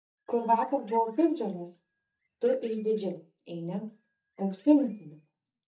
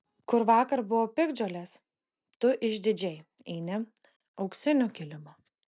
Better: second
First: noise reduction (neural mask model DeepFilterNet 3)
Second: none

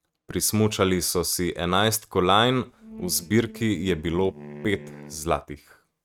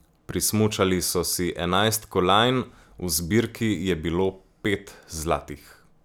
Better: second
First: noise reduction (neural mask model RNNoise)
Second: none

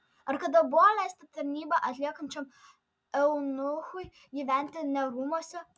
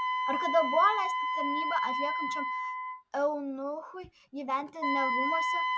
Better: first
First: none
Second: background sound (Wind instrument, woodwind instrument); 1 dB above the speech

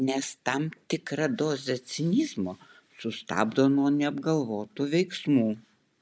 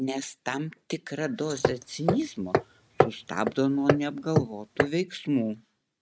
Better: first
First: none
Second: noise reduction (neural mask model RNNoise)

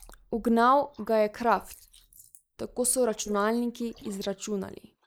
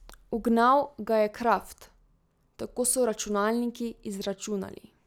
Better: second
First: noise reduction (neural mask model Resemble Enhance denoiser)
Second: none

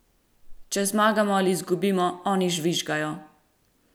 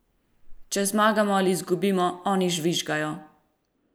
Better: first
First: none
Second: noise reduction (neural mask model Resemble Enhance denoiser)

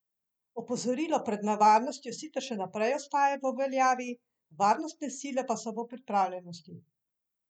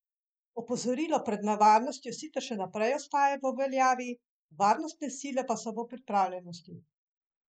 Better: first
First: none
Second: noise reduction (neural mask model Resemble Enhance denoiser)

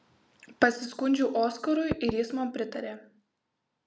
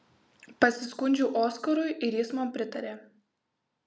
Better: second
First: background sound (Knock / Wood); 8 dB below the speech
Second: none

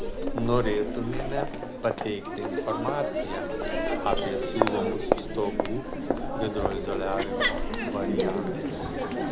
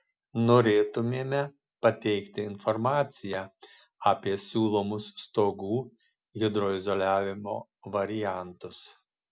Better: second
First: background sound (Crowd); 4 dB above the speech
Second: none

